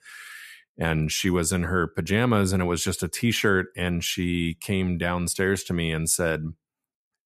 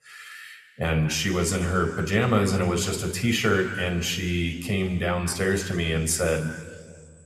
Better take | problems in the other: first | room echo; slight; dies away in 1.9 s

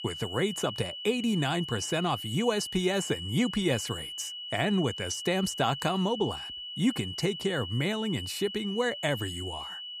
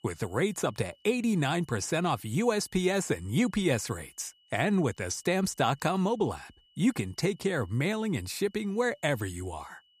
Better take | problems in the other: second | high-pitched whine; loud; throughout; 3 kHz, 7 dB below the speech; faint in the second

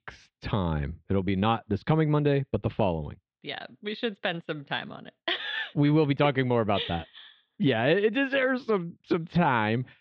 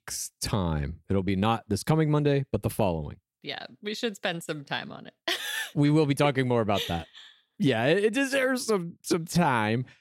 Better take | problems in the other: second | muffled; very; fading above 3.5 kHz

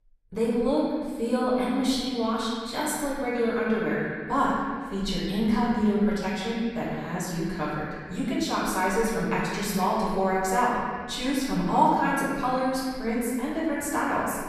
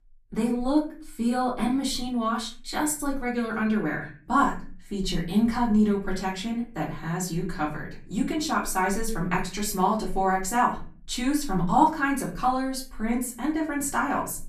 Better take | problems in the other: second | room echo; strong; dies away in 2.2 s; slight in the second // off-mic speech; far; far in the second

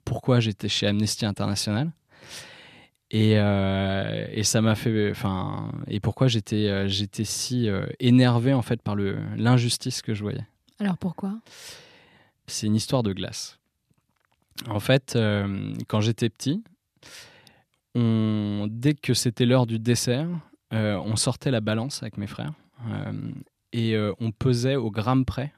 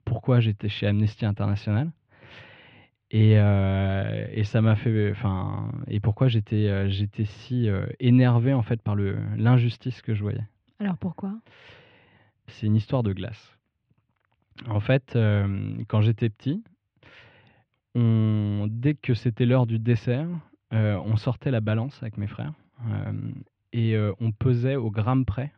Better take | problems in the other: first | muffled; very; fading above 3 kHz

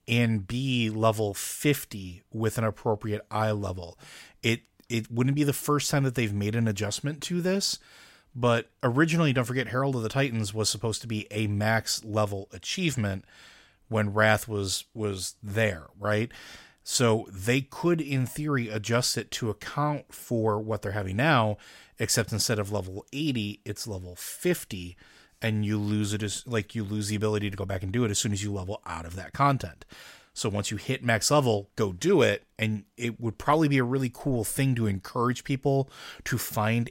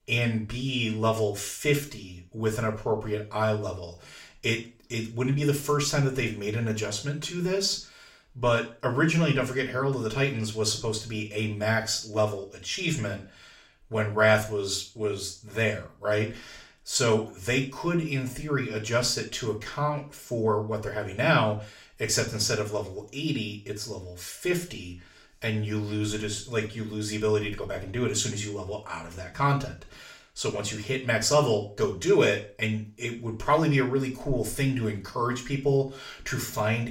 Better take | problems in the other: first | room echo; slight; dies away in 0.4 s // off-mic speech; far

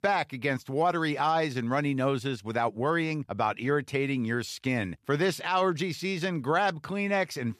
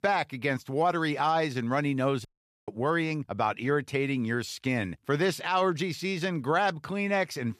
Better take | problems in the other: first | audio cutting out; at 2.5 s

